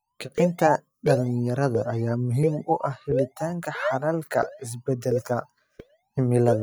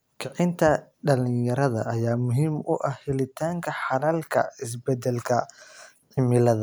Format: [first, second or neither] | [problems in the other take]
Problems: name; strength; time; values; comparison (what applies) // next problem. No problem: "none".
second | noise reduction (neural mask model DeepFilterNet 3)